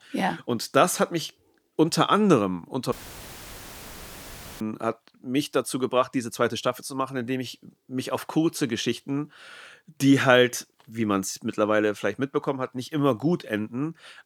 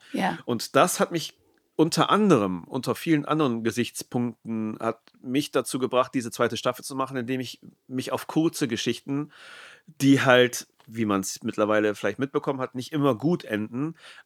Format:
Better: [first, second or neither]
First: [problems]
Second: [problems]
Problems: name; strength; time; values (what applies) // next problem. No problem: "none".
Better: second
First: audio cutting out; filled with static; at 3 s for 1.5 s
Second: none